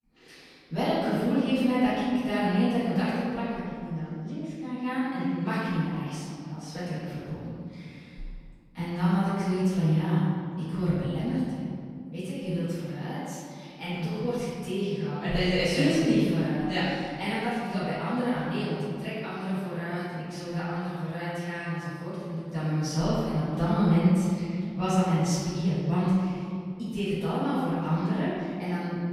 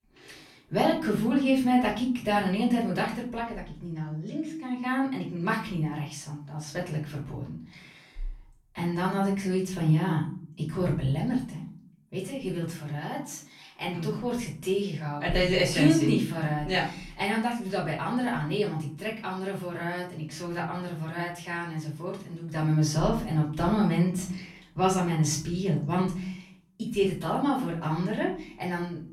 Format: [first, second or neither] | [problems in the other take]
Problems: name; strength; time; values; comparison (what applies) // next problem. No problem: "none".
second | room echo; strong; dies away in 2.3 s; slight in the second // off-mic speech; far; far in the second